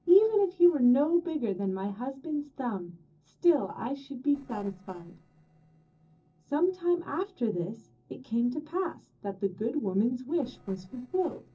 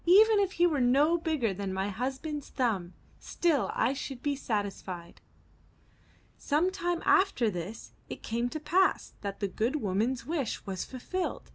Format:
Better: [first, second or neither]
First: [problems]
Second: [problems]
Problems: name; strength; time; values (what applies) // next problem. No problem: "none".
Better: second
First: noise reduction (neural separator model SepFormer DNS4)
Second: none